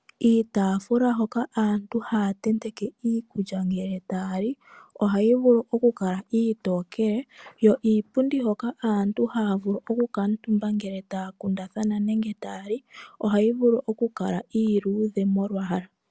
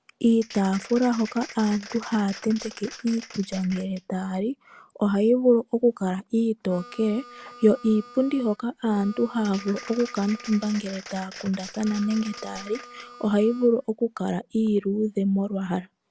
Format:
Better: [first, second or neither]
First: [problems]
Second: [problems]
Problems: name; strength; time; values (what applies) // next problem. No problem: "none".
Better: first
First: none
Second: background sound (Applause + Harmonica); 18 dB below the speech